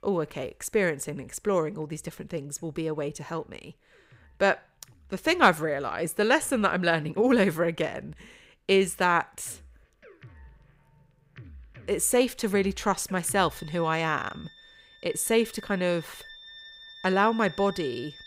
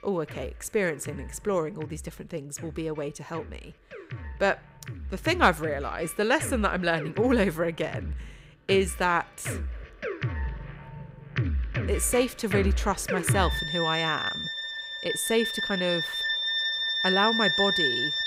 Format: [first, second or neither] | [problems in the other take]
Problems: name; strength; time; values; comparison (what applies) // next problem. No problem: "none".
first | background music; loud; throughout; 2 dB below the speech; faint in the first